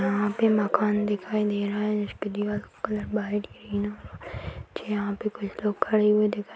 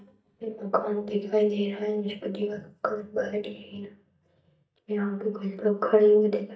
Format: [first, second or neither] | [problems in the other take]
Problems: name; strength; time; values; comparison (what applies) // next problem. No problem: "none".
first | noise reduction (neural mask model DeepFilterNet 3)